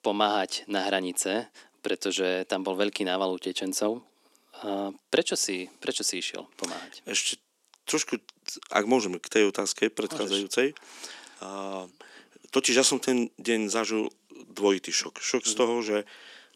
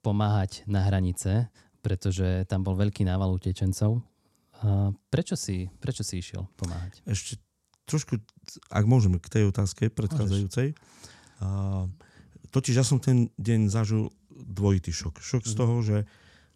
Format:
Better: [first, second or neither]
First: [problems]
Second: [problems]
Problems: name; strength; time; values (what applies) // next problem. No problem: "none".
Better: second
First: thin; very; fading below 300 Hz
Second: none